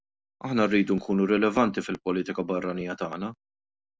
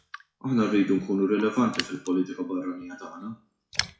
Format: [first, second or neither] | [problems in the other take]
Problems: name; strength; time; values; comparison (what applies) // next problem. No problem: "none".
first | noise reduction (classical method WPE with log-MMSE)